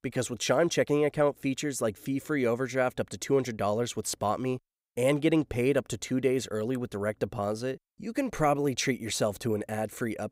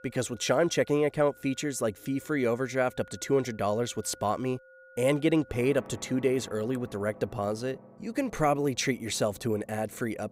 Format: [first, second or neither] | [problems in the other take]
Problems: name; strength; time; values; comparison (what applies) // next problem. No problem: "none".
first | background music; faint; throughout; 20 dB below the speech